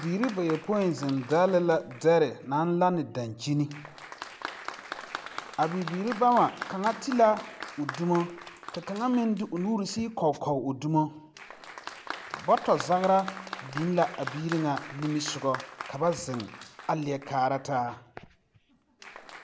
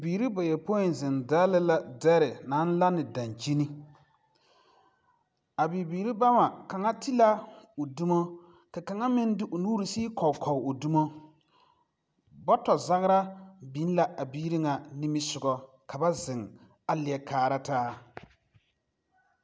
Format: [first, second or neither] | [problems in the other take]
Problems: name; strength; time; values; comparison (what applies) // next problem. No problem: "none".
second | background sound (Applause); 14 dB below the speech